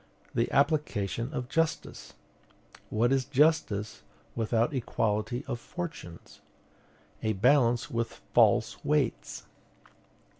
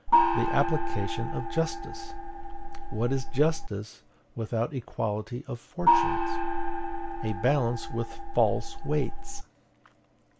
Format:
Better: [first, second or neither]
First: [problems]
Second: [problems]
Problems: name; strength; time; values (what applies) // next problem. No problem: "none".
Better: first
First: none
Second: background sound (Gong); 4 dB above the speech